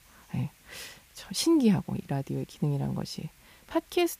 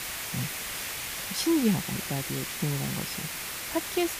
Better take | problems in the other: first | hiss; loud; throughout; 2 dB below the speech; faint in the first

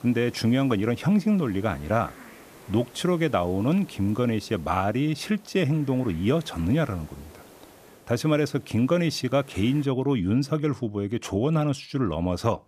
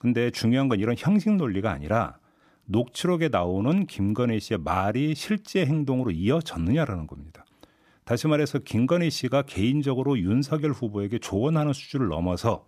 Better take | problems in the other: second | hiss; faint; until 10 s; 25 dB below the speech

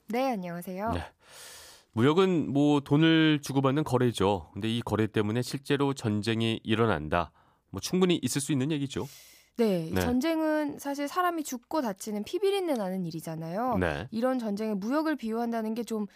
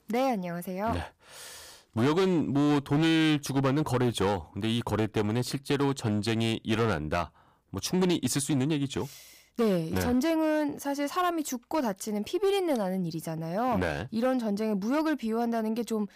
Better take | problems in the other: first | distortion; slight; 8% of the sound clipped

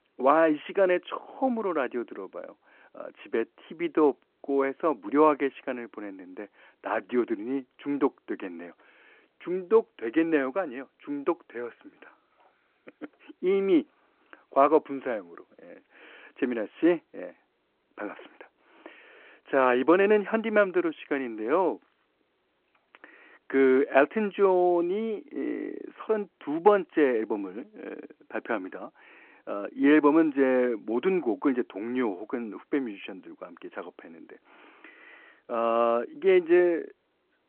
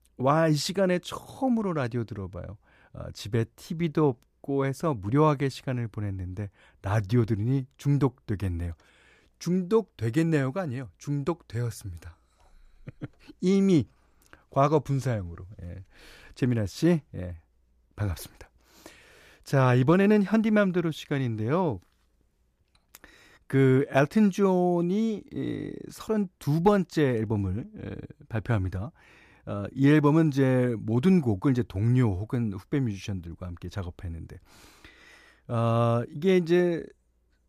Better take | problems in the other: second | phone-call audio

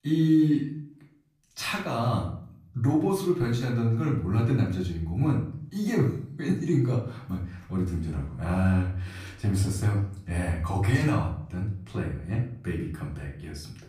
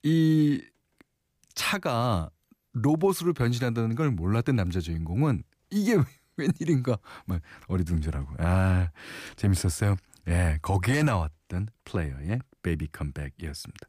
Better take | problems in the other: second | off-mic speech; far // room echo; slight; dies away in 0.5 s

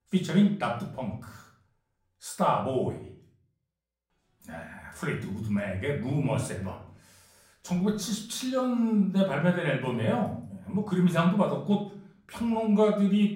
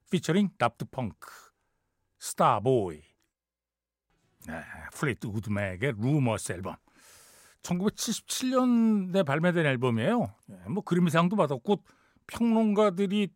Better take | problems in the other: second | room echo; slight; dies away in 0.5 s // off-mic speech; far

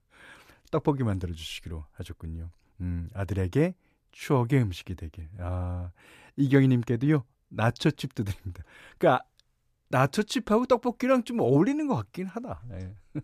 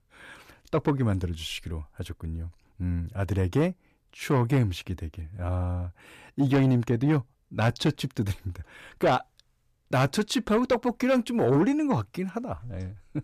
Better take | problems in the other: first | distortion; slight; 10 dB below the speech

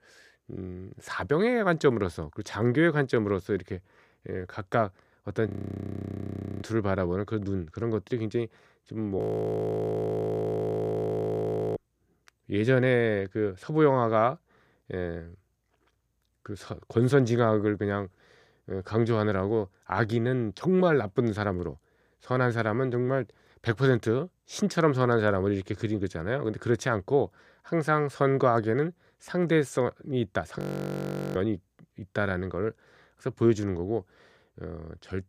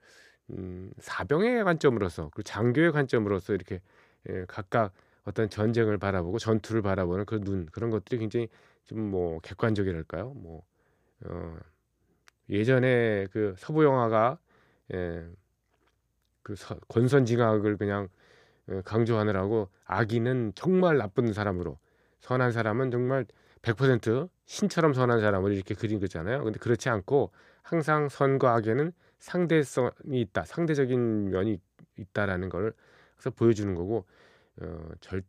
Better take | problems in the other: second | audio freezing; at 5.5 s for 1 s, at 9 s for 2.5 s and at 31 s for 1 s

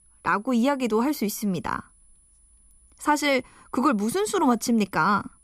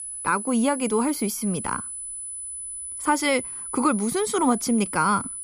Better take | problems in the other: first | high-pitched whine; loud; throughout; 10 kHz, 7 dB below the speech; faint in the first

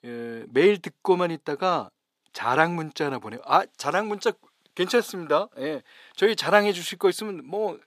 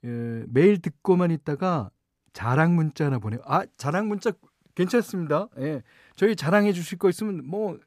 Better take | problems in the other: second | thin; somewhat; fading below 350 Hz

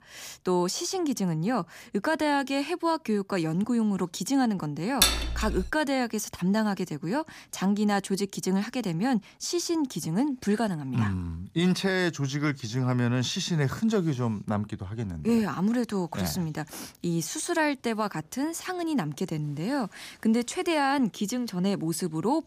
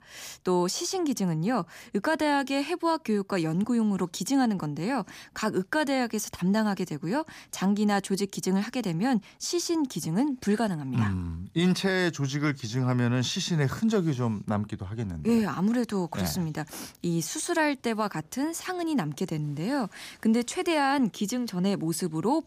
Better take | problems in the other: second | clattering dishes; loud; at 5 s; peak 6 dB above the speech

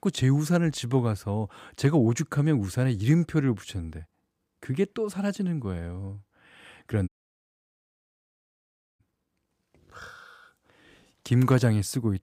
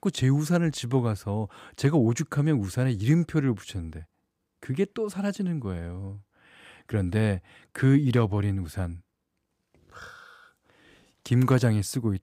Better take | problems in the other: second | audio cutting out; at 7 s for 2 s

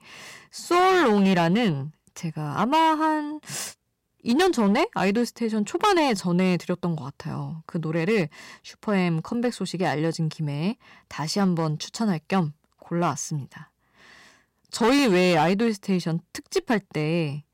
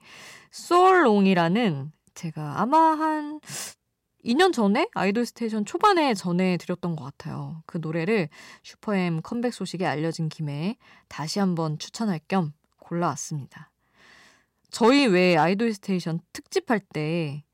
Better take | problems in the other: second | distortion; slight; 6% of the sound clipped

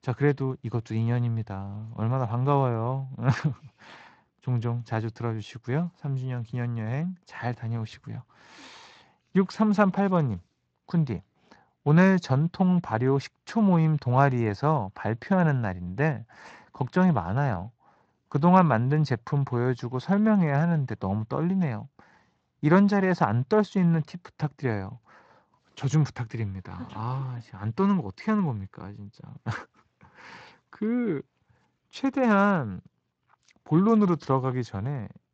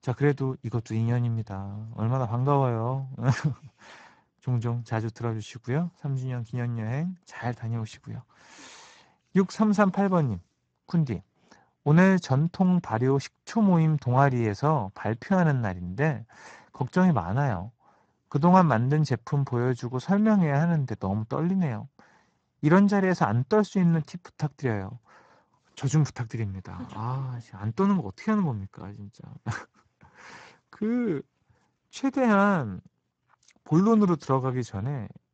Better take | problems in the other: first | garbled, watery; badly; nothing above 7.5 kHz; slightly in the first

